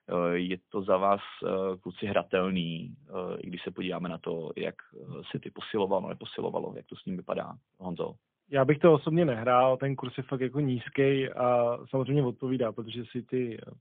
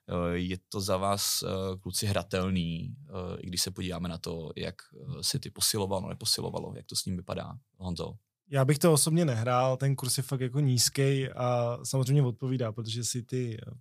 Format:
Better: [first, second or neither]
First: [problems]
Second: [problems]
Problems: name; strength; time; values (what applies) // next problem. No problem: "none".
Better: second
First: phone-call audio; poor line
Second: none